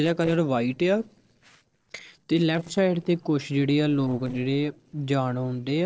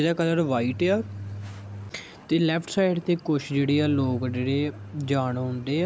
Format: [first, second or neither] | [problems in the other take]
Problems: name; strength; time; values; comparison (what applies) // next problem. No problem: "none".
second | noise reduction (neural separator model SepFormer DNS4)